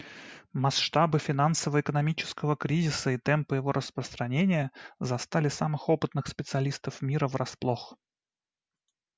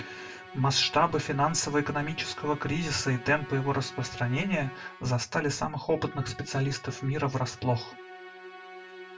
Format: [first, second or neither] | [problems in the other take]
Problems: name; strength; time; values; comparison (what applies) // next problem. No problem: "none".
first | background sound (Musical instrument); 15 dB below the speech // room echo; dies away in 0.1 s